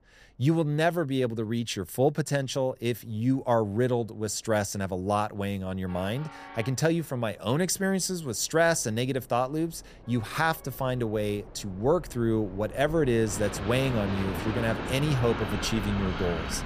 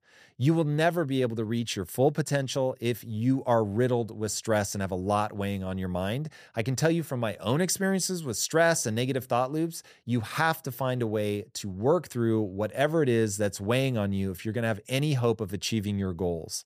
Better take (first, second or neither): second